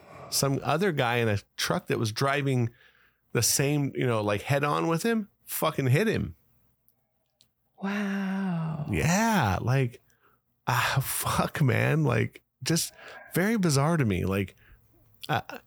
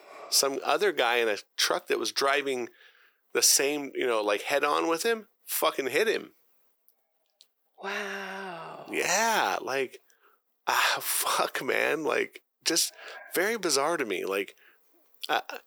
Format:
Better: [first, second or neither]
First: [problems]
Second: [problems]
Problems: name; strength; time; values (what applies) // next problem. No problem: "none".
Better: first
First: none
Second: thin; very; fading below 350 Hz